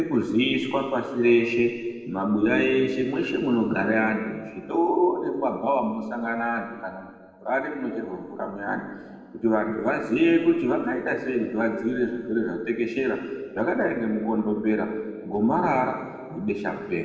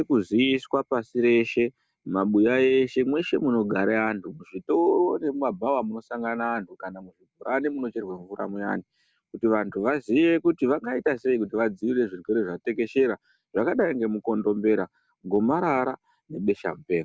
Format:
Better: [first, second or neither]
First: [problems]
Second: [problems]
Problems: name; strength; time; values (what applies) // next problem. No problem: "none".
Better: second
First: room echo; dies away in 1.4 s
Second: none